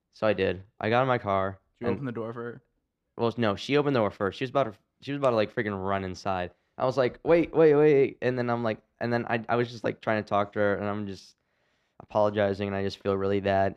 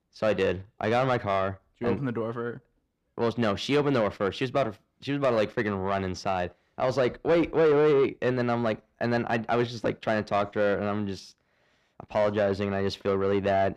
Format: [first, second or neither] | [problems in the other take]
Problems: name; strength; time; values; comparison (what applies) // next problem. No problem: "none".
first | distortion; slight; 10 dB below the speech